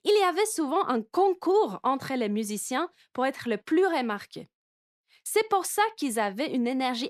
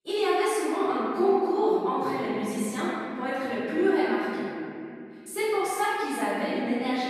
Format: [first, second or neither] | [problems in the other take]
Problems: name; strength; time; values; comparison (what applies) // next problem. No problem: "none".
first | off-mic speech; far // room echo; strong; dies away in 2.6 s